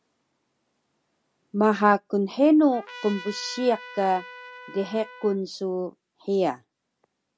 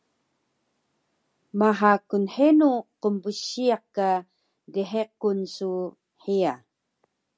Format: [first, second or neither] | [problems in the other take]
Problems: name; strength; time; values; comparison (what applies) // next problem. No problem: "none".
second | background sound (Trumpet); 16 dB below the speech